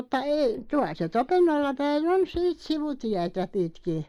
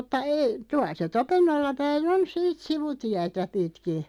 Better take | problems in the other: second | noise reduction (neural mask model Resemble Enhance denoiser)

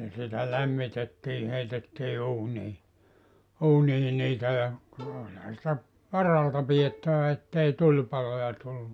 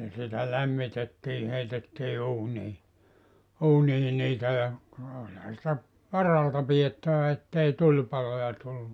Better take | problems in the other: second | background sound (Bowed string instrument); 19 dB below the speech

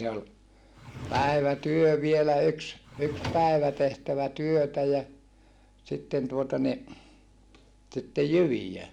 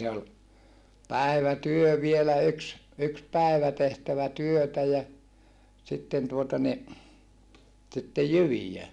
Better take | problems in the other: second | background sound (Drawer open or close); 12 dB below the speech

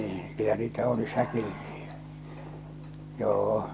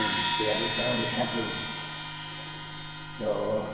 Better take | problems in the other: first | background sound (Crash cymbal); 1 dB below the speech // room echo; dies away in 0.8 s

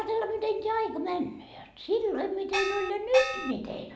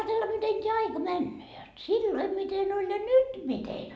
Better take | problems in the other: second | background sound (Gong); 2 dB below the speech

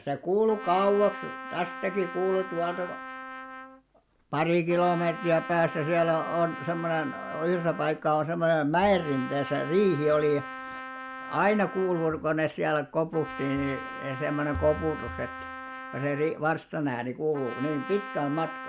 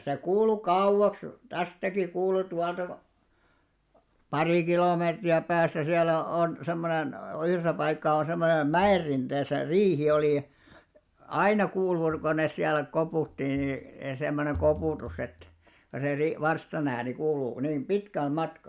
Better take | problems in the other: second | background sound (Trumpet); 12 dB below the speech

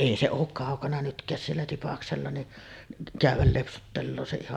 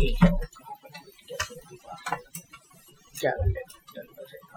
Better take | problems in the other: first | noise reduction (classical method Wiener filter)

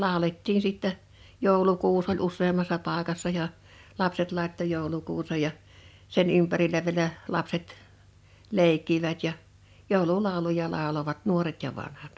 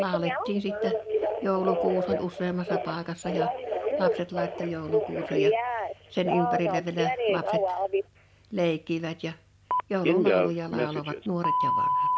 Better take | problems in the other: first | background sound (Telephone); 3 dB above the speech

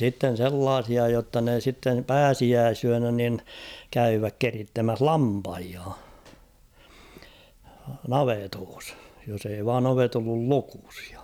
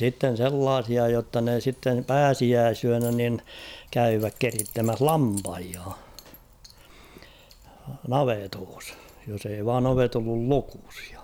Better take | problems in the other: first | background sound (Keys jangling); 18 dB below the speech

